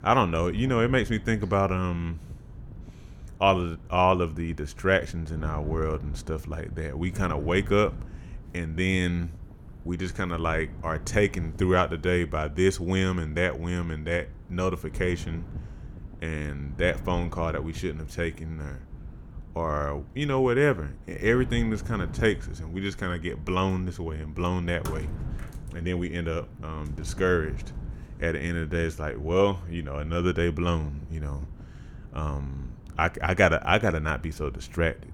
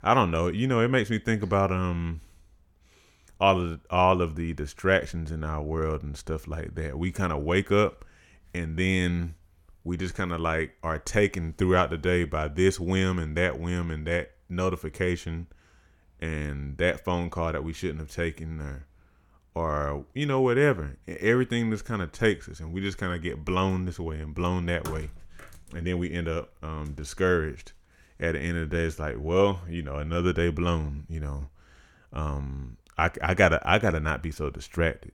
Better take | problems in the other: second | wind noise on the microphone; occasional gusts; 25 dB below the speech

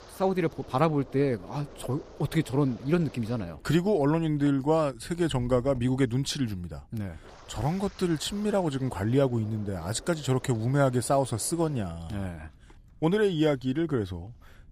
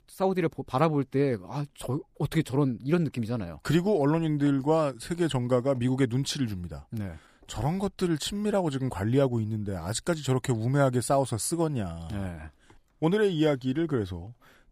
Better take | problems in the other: second | wind noise on the microphone; occasional gusts; 20 dB below the speech

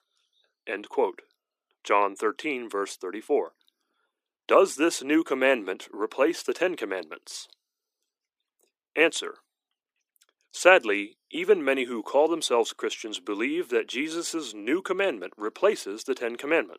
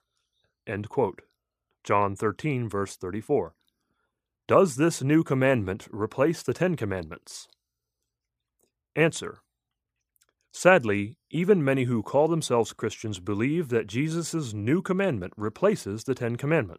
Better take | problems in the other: second | thin; somewhat; fading below 300 Hz

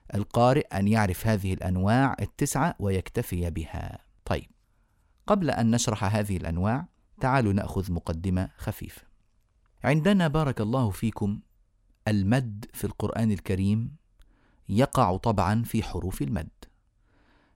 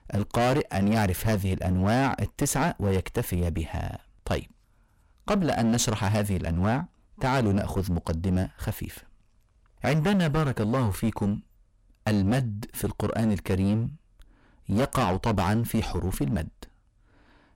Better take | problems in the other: first | distortion; heavy; 14% of the sound clipped

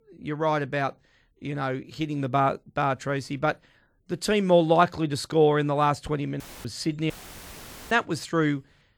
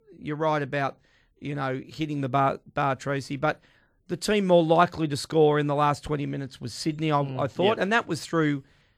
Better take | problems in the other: second | audio cutting out; filled with static; at 6.5 s and at 7 s for 1 s

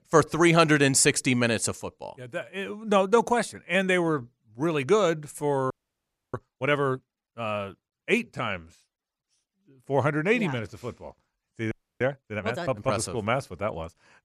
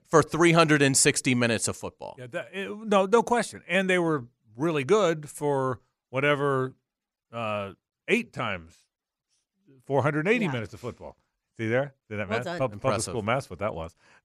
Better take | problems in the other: second | audio freezing; at 5.5 s for 0.5 s and at 12 s

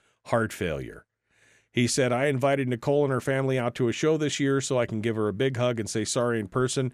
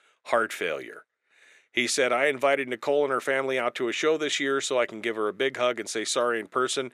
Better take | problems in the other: first | thin; somewhat; fading below 450 Hz

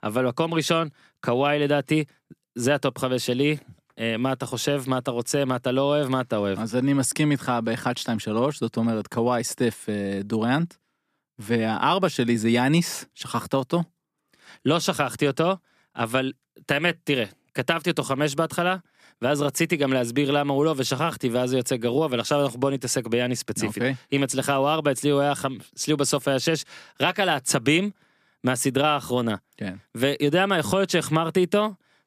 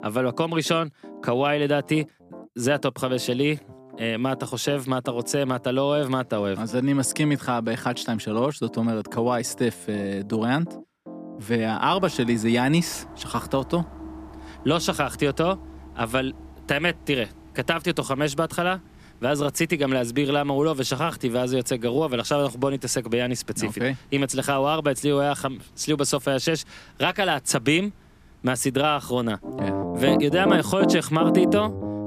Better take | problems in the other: first | background music; loud; throughout; 7 dB below the speech

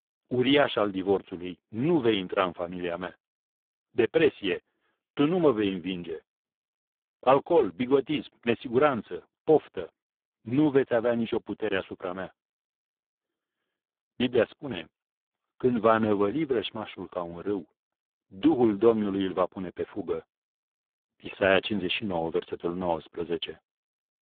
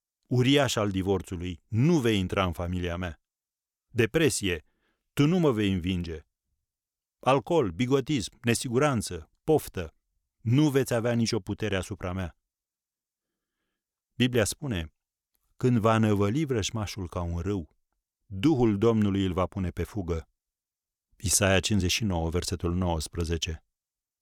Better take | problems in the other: second | phone-call audio; poor line

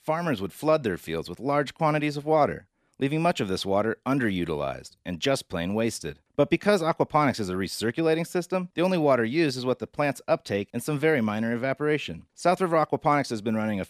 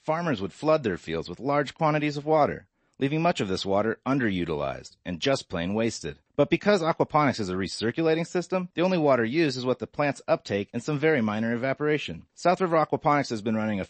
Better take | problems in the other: first | garbled, watery; slightly; nothing above 8 kHz

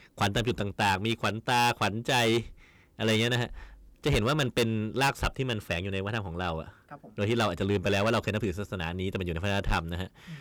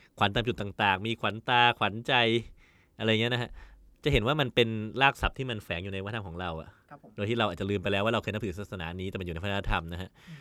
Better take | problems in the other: second | distortion; heavy; 7% of the sound clipped

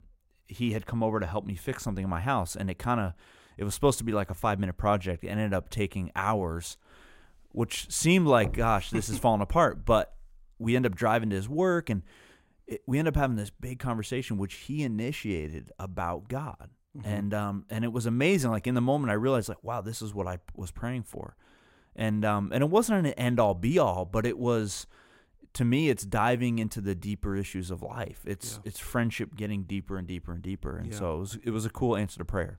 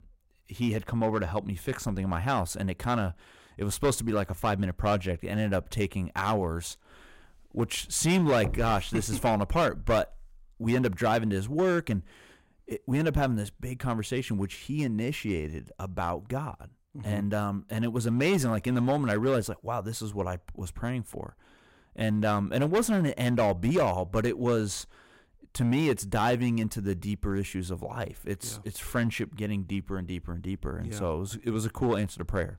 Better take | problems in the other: first | distortion; slight; 4% of the sound clipped

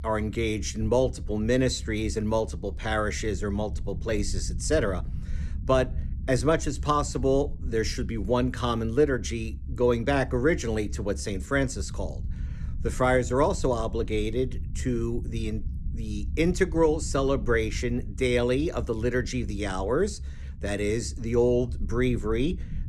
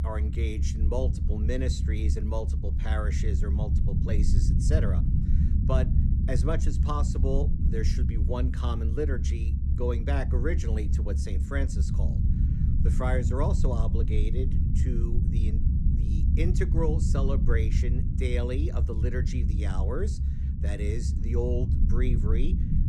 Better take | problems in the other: first | low rumble; loud; throughout; 5 dB below the speech; faint in the first

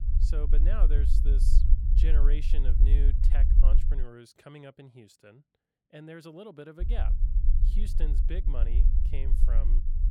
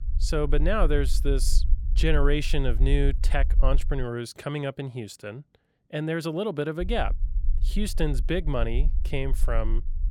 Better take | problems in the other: second | low rumble; loud; until 4 s and from 7 s on; 4 dB below the speech; faint in the second

